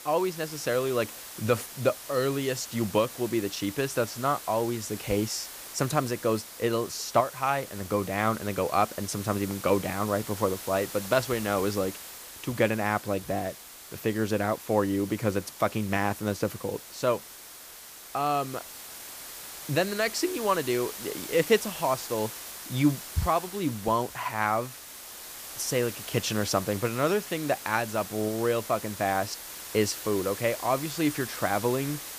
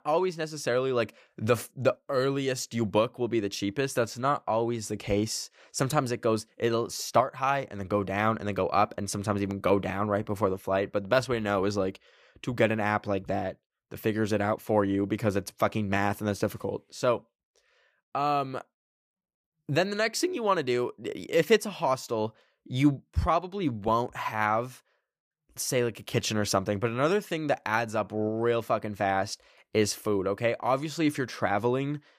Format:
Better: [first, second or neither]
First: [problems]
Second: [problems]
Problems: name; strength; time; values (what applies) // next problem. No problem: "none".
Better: second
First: hiss; noticeable; throughout; 10 dB below the speech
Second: none